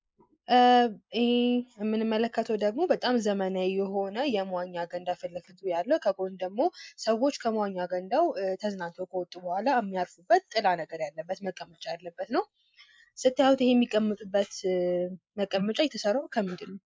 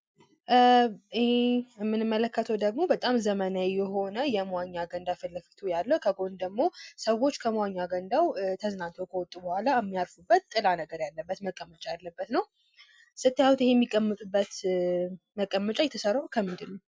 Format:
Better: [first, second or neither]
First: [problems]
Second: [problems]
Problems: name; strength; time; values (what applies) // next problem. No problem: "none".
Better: second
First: noise reduction (neural mask model Resemble Enhance denoiser)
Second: none